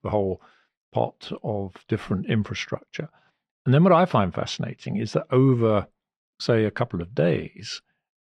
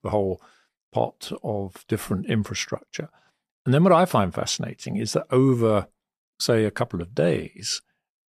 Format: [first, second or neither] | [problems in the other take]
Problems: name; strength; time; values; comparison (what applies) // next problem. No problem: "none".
second | muffled; very slightly; fading above 3 kHz